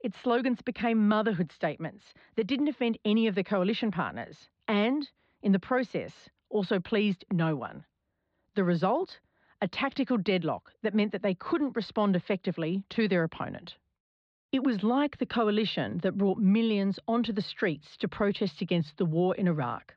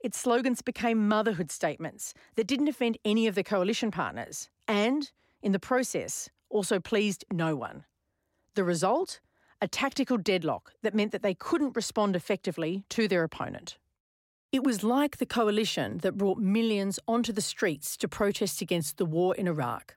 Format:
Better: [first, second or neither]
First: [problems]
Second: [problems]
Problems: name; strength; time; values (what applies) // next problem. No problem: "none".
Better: second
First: muffled; slightly; fading above 4 kHz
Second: none